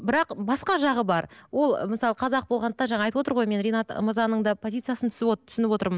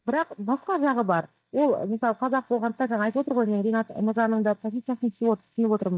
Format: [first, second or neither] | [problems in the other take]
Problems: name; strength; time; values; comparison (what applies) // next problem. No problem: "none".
first | noise reduction (neural mask model DeepFilterNet 3)